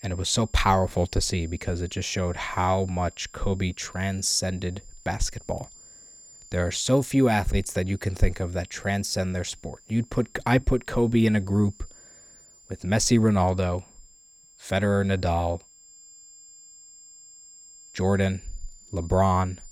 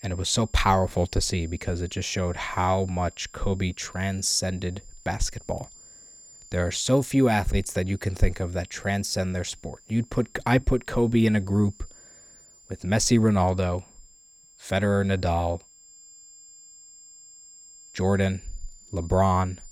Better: neither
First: high-pitched whine; faint; throughout; 7.5 kHz, 25 dB below the speech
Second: high-pitched whine; faint; throughout; 7.5 kHz, 25 dB below the speech

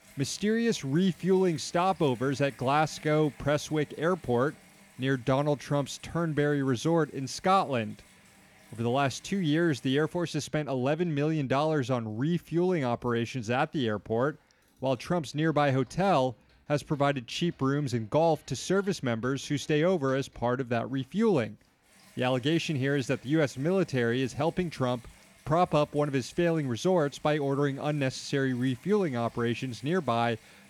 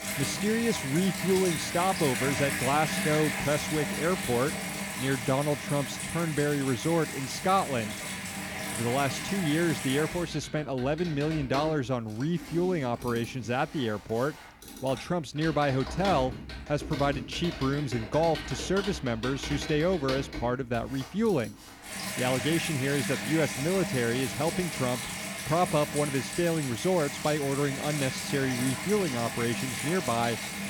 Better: first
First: household noises; faint; throughout; 25 dB below the speech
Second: household noises; loud; throughout; 5 dB below the speech

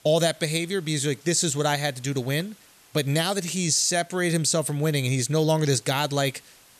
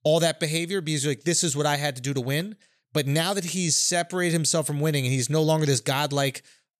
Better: second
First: hiss; faint; throughout; 30 dB below the speech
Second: none

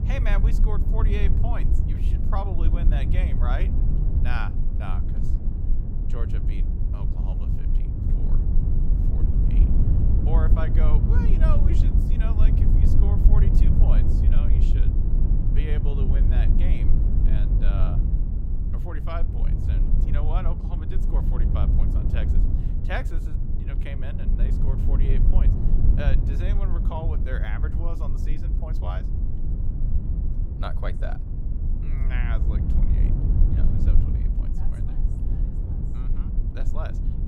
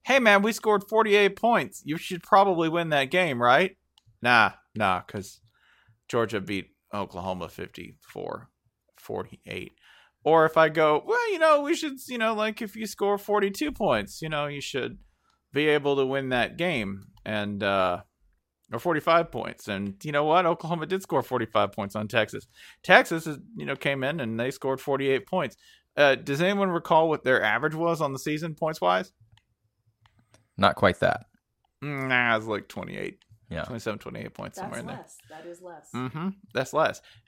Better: second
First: low rumble; loud; throughout; 2 dB below the speech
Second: none

